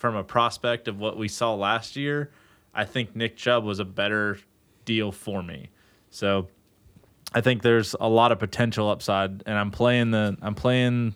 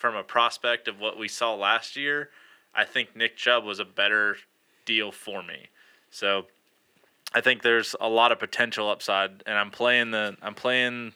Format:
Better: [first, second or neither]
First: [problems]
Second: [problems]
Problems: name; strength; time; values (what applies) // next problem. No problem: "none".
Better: first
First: none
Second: thin; somewhat; fading below 400 Hz